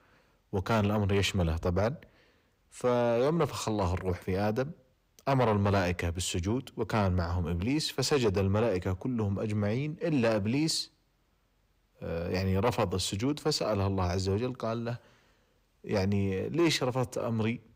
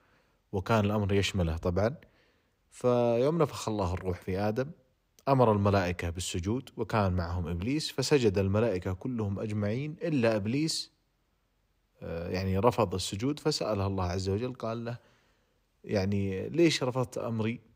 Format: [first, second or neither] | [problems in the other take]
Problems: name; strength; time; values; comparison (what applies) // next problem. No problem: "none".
second | distortion; slight; 10 dB below the speech